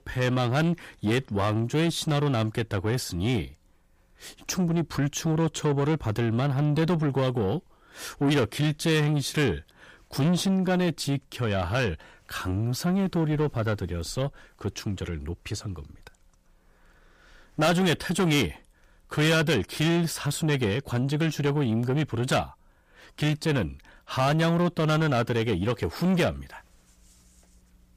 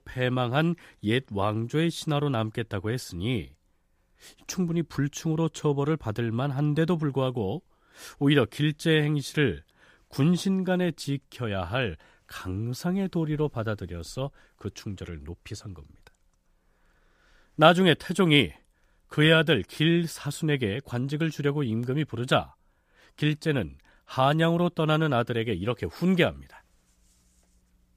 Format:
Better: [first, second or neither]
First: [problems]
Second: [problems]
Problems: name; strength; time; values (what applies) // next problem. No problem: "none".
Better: second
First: distortion; heavy; 8 dB below the speech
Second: none